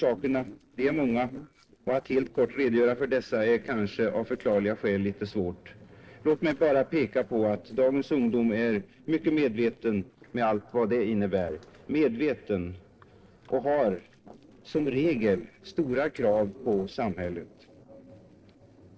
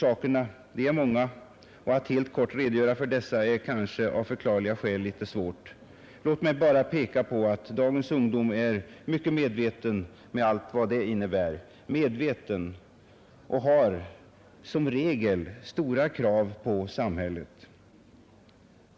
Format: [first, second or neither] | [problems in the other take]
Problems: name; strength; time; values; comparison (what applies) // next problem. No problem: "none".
second | noise reduction (neural separator model SepFormer DNS4)